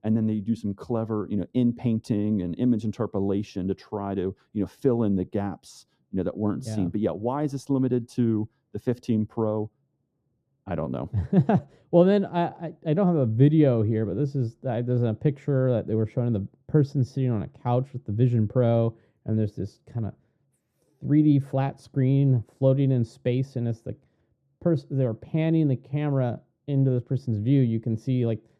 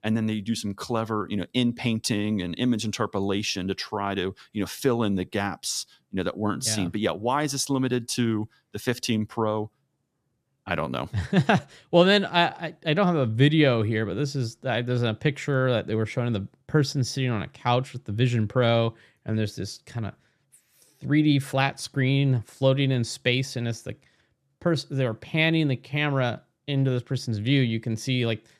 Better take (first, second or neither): second